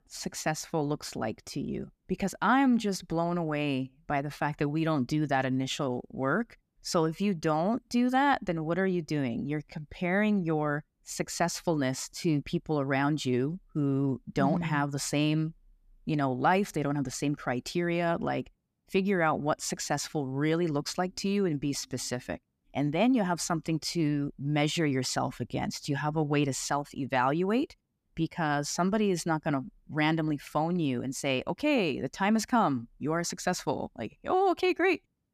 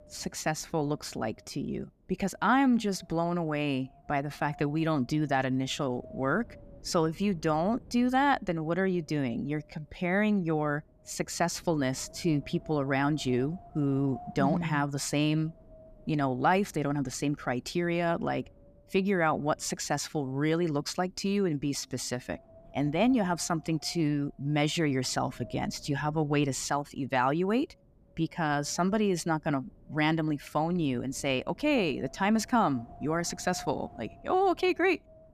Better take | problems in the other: first | wind noise on the microphone; occasional gusts; 25 dB below the speech

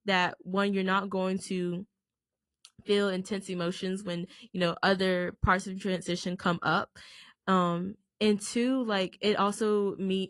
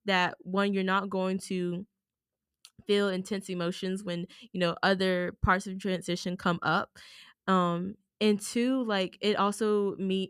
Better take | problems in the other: second | garbled, watery; slightly

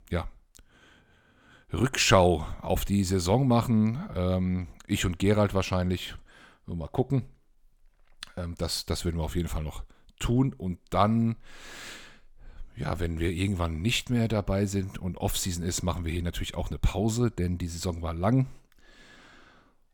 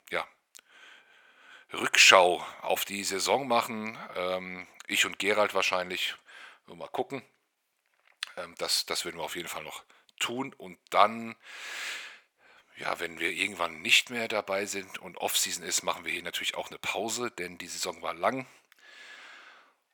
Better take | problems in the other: first | thin; very; fading below 600 Hz

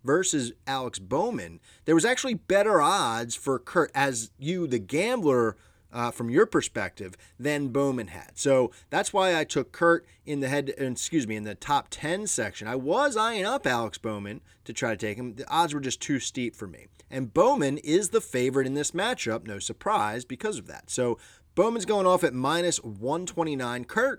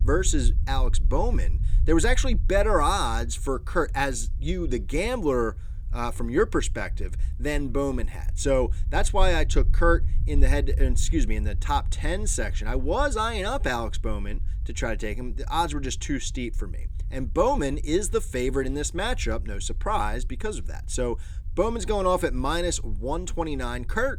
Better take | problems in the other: first | low rumble; faint; throughout; 25 dB below the speech

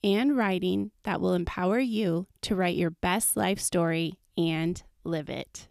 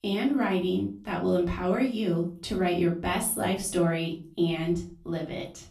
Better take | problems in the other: first | off-mic speech; far // room echo; slight; dies away in 0.3 s

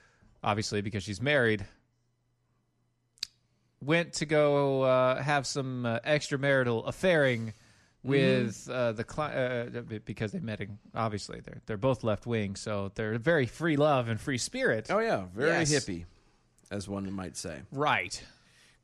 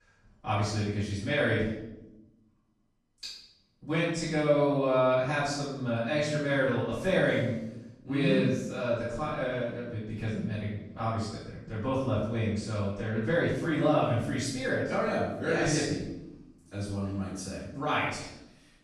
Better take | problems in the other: first | off-mic speech; far // room echo; strong; dies away in 0.8 s

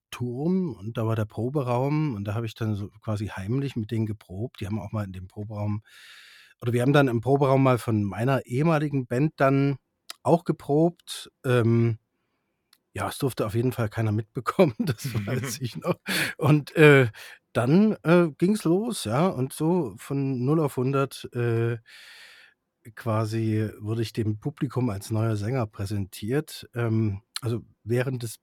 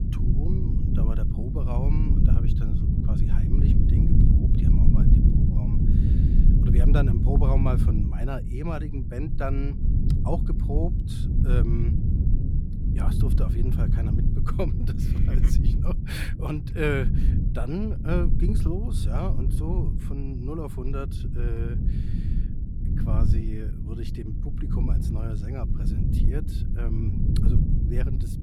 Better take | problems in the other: first | low rumble; loud; throughout; 1 dB below the speech

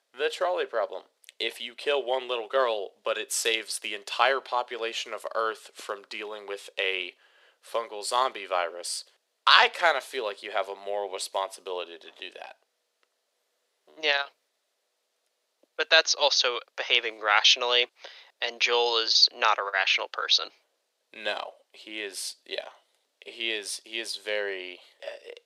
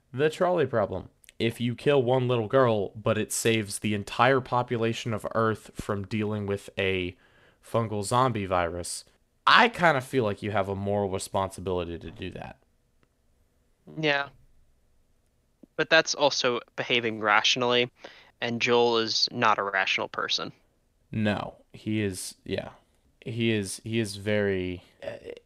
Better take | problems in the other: second | thin; very; fading below 450 Hz

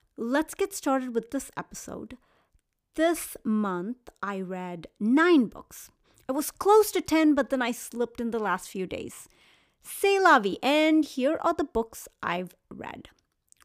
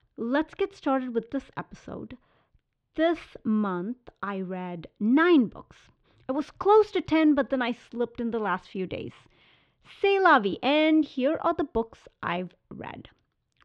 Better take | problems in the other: first | muffled; slightly; fading above 3.5 kHz

